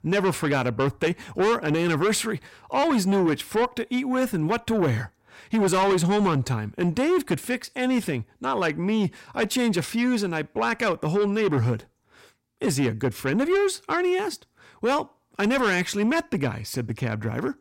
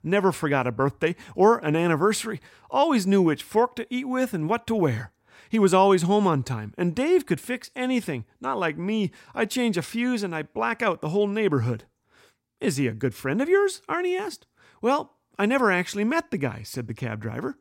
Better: second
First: distortion; heavy; 8 dB below the speech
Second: none

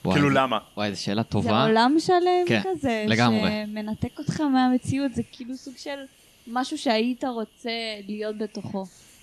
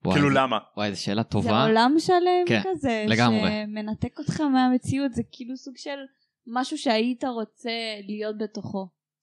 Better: second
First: hiss; faint; throughout; 30 dB below the speech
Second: none

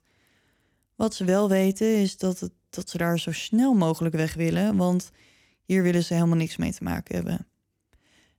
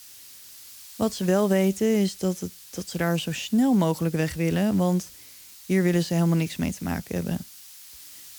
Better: first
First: none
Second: hiss; noticeable; throughout; 20 dB below the speech

